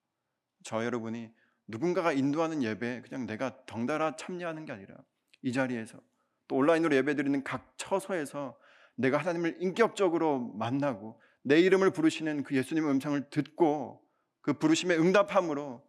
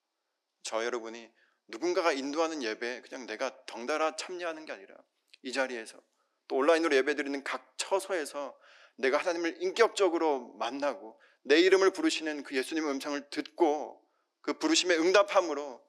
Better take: first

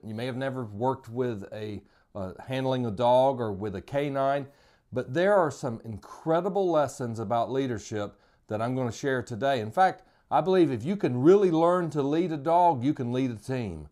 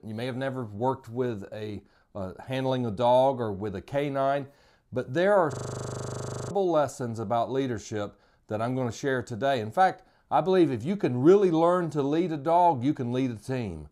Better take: first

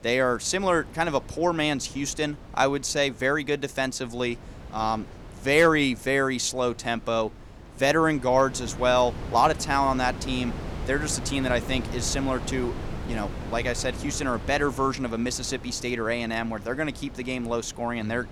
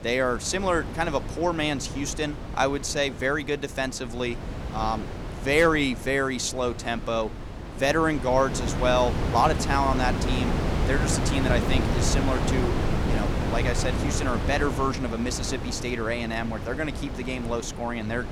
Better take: first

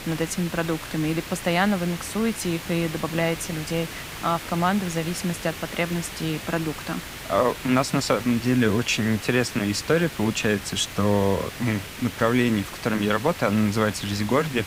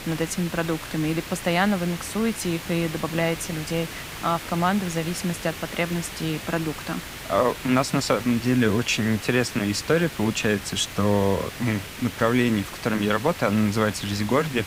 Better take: neither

